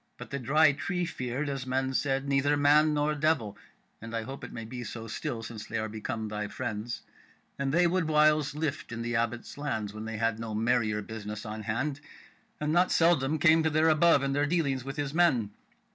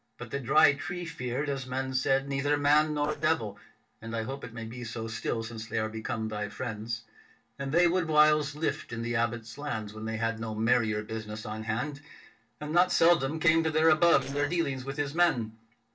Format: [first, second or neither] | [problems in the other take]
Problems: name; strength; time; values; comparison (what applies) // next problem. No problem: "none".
first | noise reduction (neural separator model SepFormer DNS4)